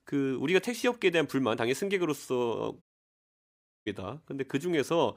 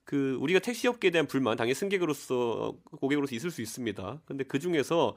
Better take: second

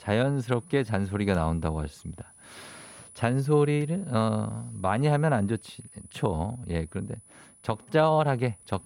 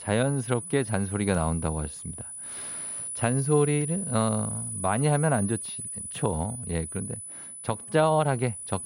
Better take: first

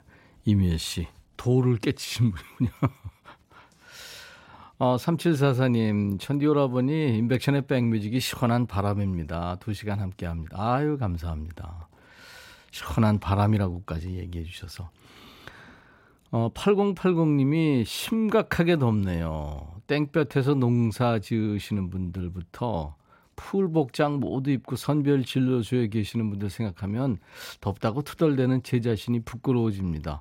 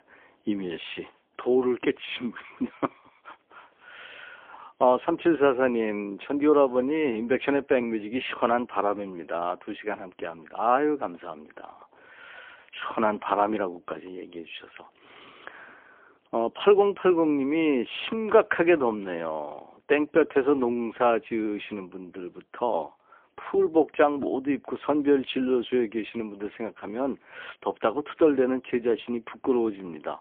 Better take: first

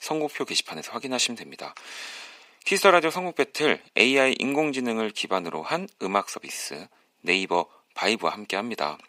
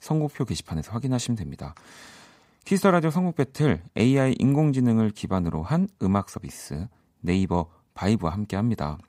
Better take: second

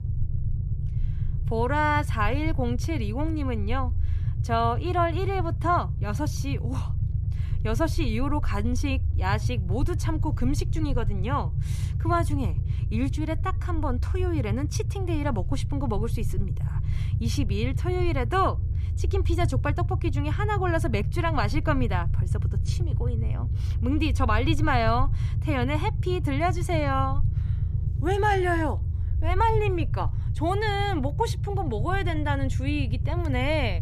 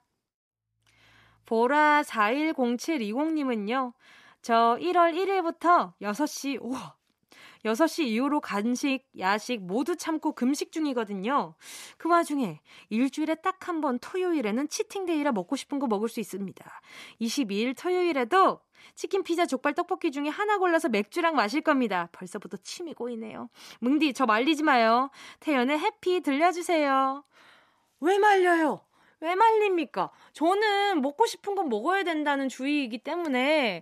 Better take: second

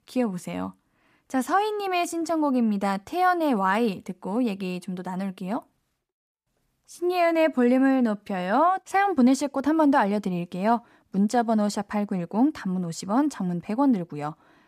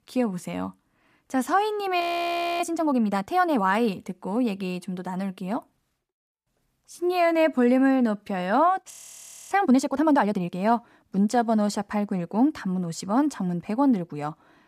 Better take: first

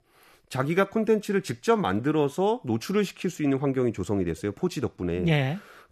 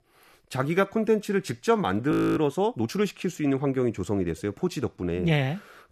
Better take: first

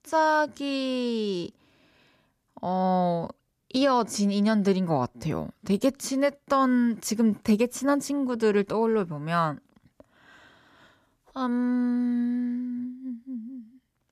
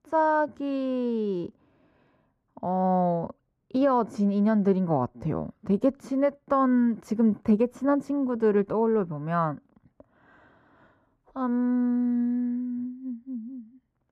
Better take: first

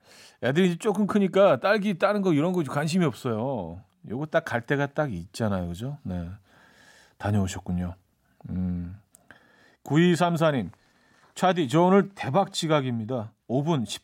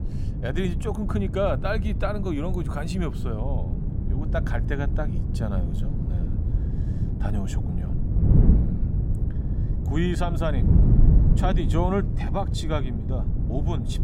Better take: first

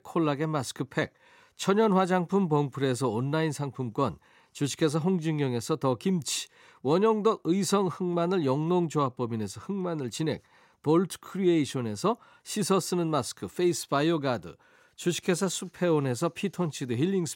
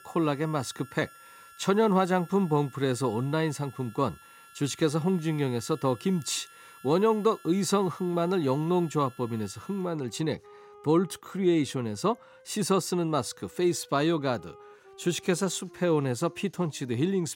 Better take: first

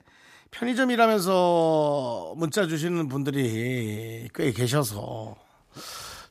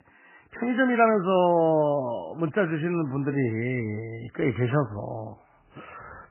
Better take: first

